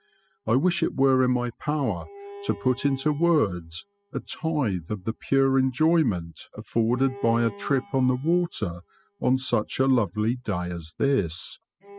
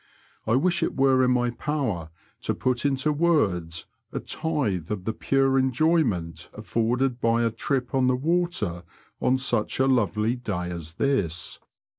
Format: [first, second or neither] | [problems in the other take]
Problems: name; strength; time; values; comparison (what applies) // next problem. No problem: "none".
second | noise reduction (classical method spectral subtraction)